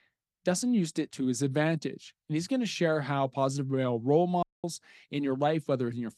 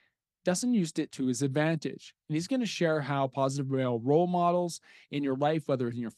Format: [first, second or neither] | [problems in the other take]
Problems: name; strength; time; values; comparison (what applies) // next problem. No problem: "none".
second | audio cutting out; at 4.5 s